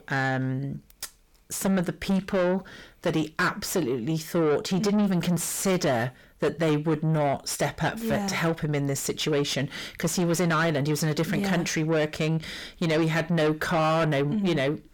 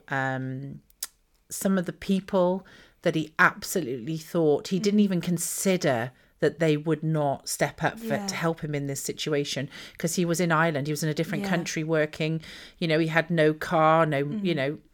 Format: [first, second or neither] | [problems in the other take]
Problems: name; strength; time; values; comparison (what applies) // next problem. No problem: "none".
second | distortion; heavy; 7 dB below the speech